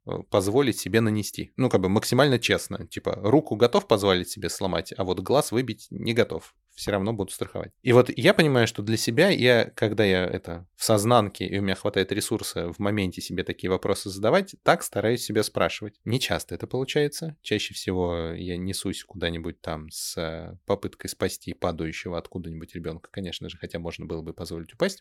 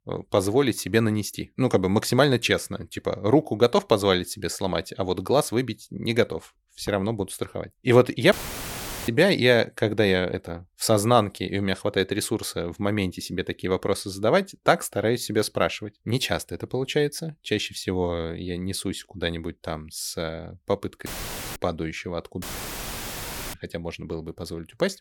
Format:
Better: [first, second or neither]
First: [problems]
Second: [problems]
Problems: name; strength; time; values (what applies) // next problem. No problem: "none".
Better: first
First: none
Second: audio cutting out; filled with static; at 8.5 s for 1 s, at 21 s for 0.5 s and at 22 s for 1 s